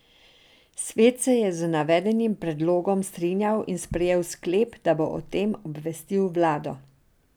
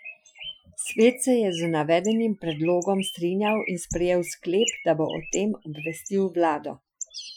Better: first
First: none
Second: noise reduction (classical method Wiener filter)

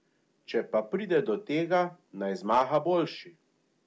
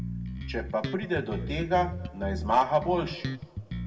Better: first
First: none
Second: background sound (Bass guitar); 6 dB below the speech // room echo; dies away in 1.3 s

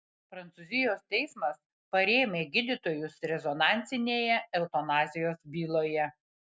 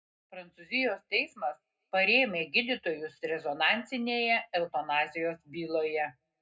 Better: first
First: none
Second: room echo; dies away in 0.2 s

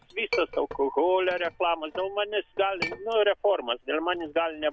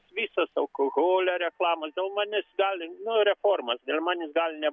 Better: second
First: background sound (Chink, clink); 14 dB below the speech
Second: none

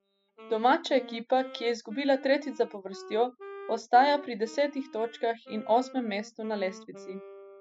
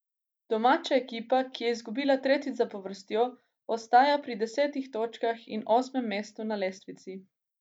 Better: second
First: noise reduction (classical method spectral subtraction)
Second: none

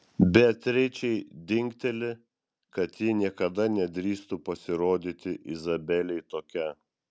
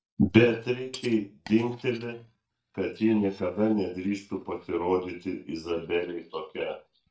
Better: first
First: none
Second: noise reduction (neural mask model DeepFilterNet 3)

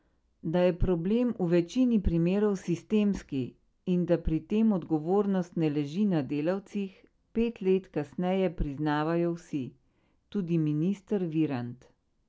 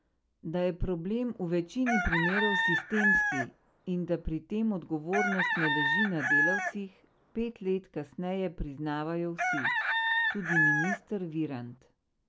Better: first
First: none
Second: background sound (Chicken, rooster); 2 dB above the speech

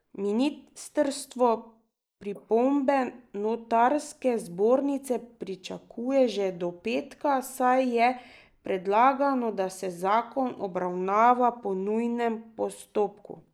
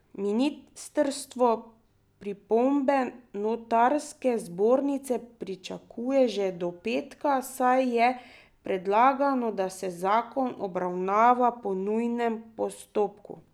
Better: second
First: noise reduction (neural mask model Resemble Enhance denoiser)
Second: none

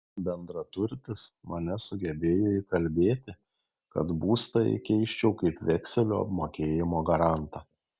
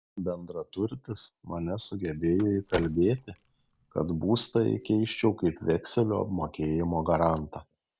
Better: first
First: none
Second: background sound (Car); 17 dB below the speech

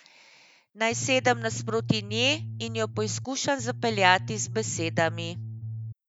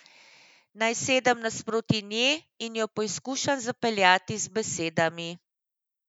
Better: second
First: background sound (Bass guitar); 8 dB below the speech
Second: none

